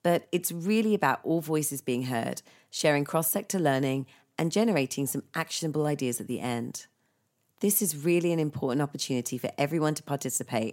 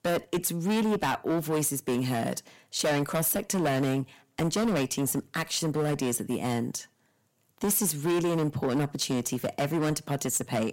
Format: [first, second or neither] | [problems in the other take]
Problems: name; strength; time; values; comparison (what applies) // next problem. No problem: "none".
first | distortion; heavy; 14% of the sound clipped